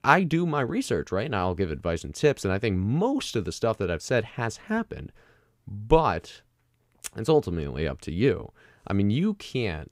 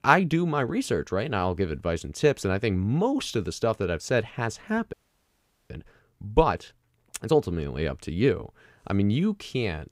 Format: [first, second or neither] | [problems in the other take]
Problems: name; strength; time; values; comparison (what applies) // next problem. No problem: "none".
first | audio freezing; at 5 s for 1 s